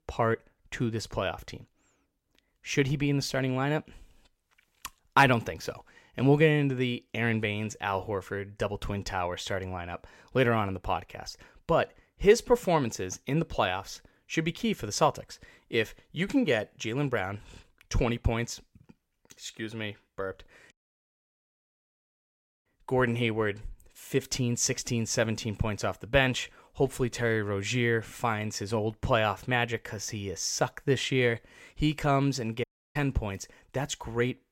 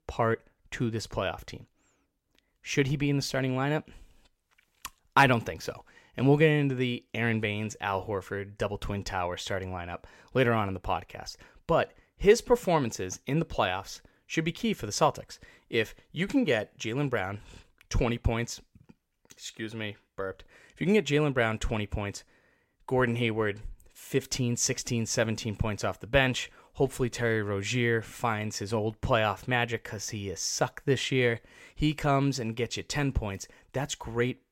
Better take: second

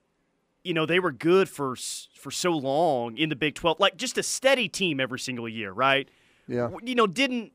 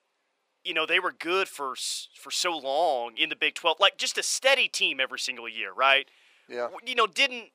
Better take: first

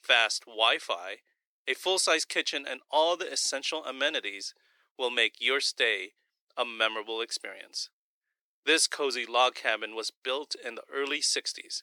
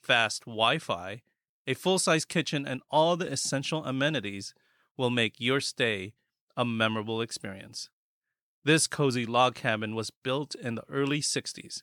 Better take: second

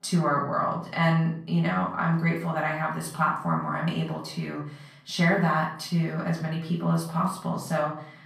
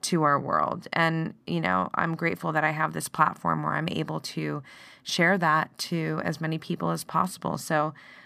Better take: second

